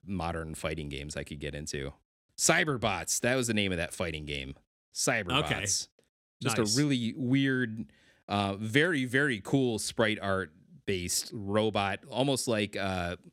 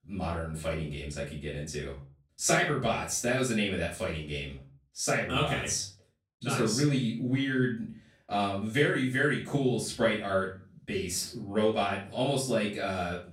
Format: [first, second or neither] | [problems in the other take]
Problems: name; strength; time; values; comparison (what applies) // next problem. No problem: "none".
first | off-mic speech; far // room echo; slight; dies away in 0.3 s